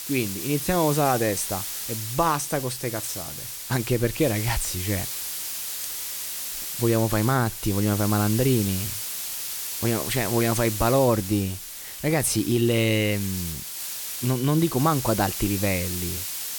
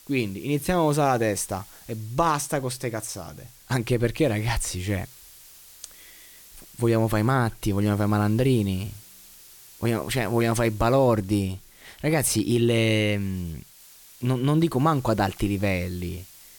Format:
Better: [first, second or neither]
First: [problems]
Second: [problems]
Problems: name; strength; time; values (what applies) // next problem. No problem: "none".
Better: second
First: hiss; loud; throughout; 5 dB below the speech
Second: hiss; faint; throughout; 25 dB below the speech